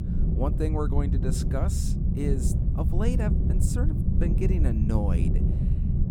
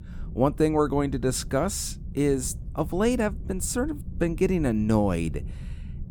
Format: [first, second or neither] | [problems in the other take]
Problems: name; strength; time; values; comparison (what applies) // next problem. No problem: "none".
second | low rumble; loud; throughout; 3 dB below the speech; faint in the second